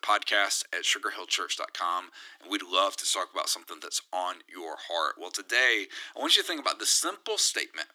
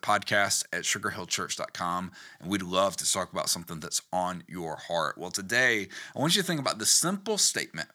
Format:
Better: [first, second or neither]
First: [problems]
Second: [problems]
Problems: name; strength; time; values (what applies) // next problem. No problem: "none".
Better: second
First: thin; somewhat; fading below 300 Hz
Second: none